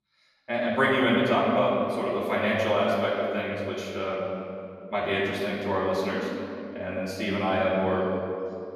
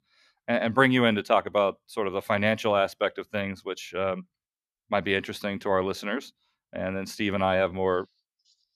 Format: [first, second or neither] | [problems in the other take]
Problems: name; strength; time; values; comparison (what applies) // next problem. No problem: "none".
second | off-mic speech; far // room echo; noticeable; dies away in 2.4 s